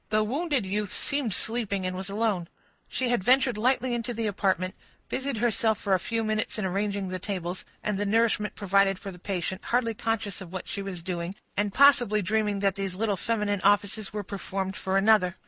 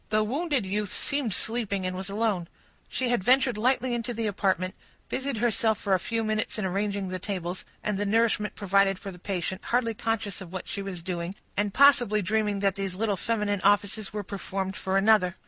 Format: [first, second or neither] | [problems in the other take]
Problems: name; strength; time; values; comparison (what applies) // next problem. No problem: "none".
second | noise reduction (neural mask model Resemble Enhance denoiser)